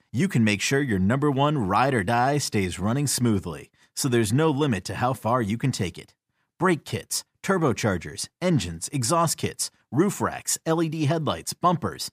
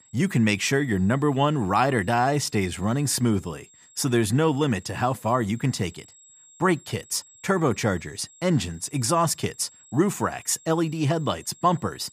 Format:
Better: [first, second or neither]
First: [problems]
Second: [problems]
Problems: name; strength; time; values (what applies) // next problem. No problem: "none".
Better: first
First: none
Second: high-pitched whine; faint; throughout; 7.5 kHz, 25 dB below the speech